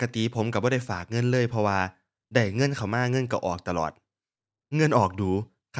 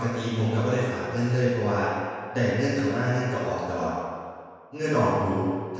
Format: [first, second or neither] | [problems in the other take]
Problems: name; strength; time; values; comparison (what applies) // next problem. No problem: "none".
first | room echo; dies away in 1.9 s